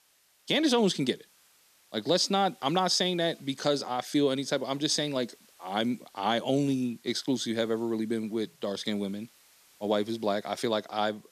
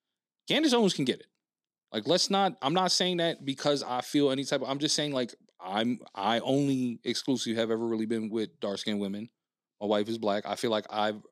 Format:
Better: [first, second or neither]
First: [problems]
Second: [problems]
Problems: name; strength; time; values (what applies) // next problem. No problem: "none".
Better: second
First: hiss; faint; throughout; 30 dB below the speech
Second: none